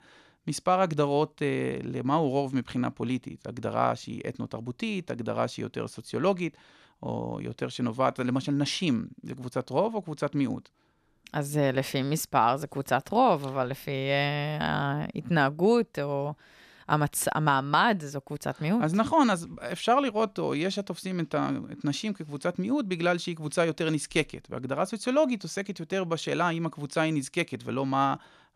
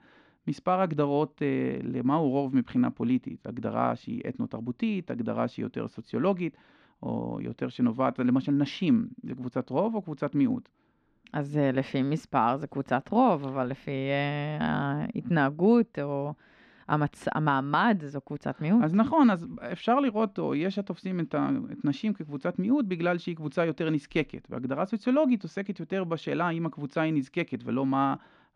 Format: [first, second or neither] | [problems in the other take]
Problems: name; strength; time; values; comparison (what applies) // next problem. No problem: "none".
first | muffled; slightly; fading above 3 kHz